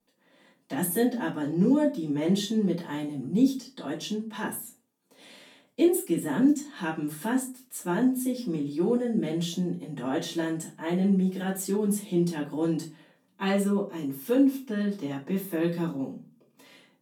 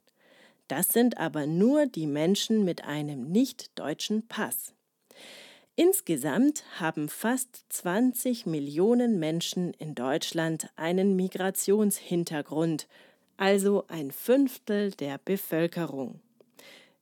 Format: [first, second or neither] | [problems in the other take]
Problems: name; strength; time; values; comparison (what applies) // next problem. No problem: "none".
second | off-mic speech; far // room echo; slight; dies away in 0.3 s